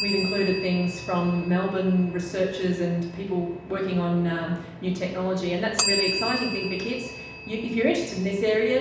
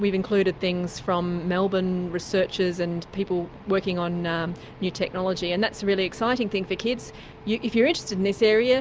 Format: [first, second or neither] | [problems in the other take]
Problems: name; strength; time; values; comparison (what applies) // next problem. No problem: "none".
second | background sound (Bell); 9 dB below the speech // room echo; dies away in 0.9 s